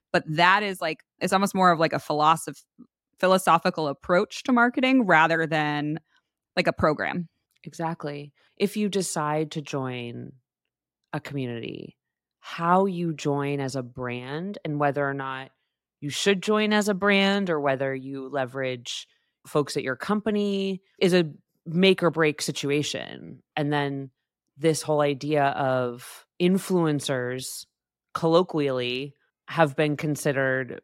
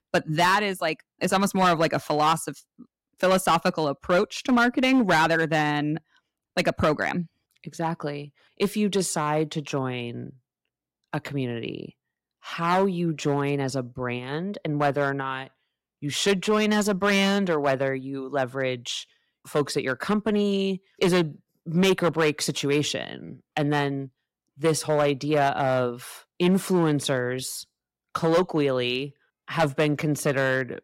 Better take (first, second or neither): first